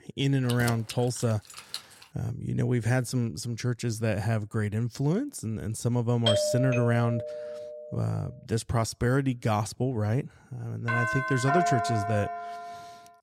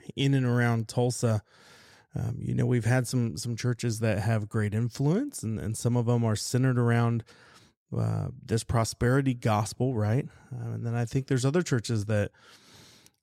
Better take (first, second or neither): second